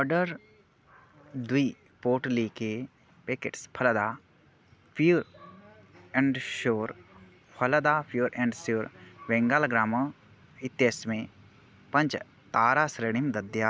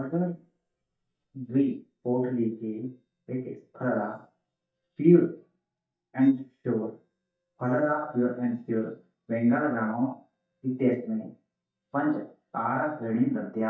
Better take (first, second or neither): first